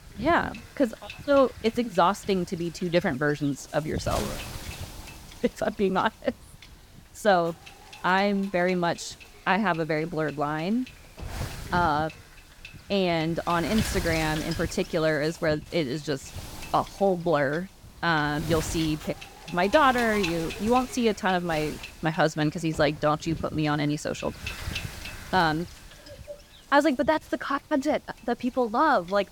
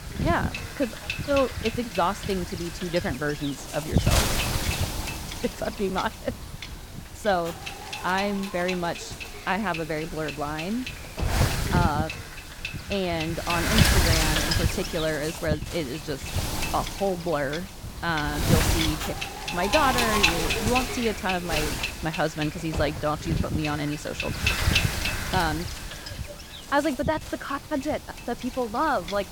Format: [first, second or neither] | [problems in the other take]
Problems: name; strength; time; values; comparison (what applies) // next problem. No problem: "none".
first | wind noise on the microphone; heavy; 1 dB below the speech; occasional gusts in the first